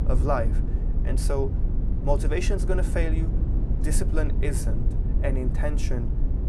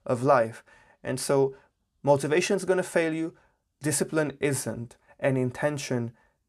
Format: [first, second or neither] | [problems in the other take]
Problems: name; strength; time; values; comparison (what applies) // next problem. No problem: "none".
second | low rumble; loud; throughout; 9 dB below the speech